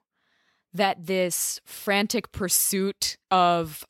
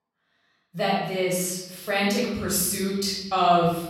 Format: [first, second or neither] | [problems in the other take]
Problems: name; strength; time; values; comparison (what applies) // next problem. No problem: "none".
first | room echo; noticeable; dies away in 1 s // off-mic speech; far